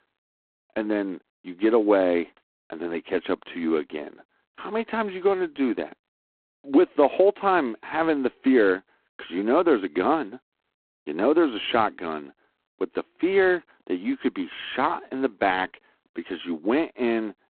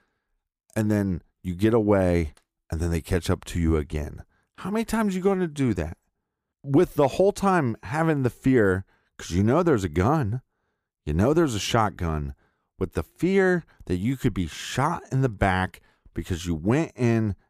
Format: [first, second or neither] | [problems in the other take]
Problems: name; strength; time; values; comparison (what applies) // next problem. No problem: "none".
second | phone-call audio; poor line